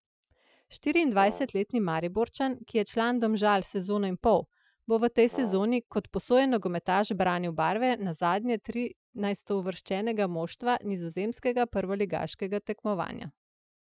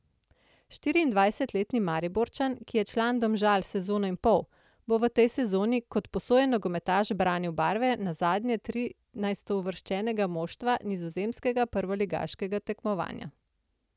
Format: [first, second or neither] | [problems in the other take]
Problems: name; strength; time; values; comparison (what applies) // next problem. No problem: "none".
second | noise reduction (classical method Wiener filter)